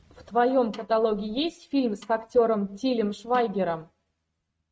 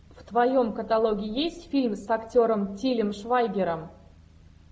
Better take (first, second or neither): second